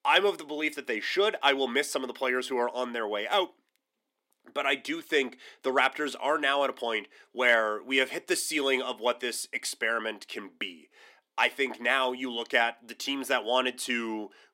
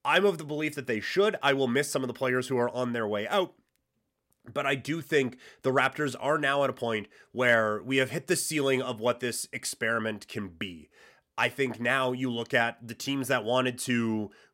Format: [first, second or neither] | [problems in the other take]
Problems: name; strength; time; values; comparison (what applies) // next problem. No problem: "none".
second | thin; very slightly; fading below 300 Hz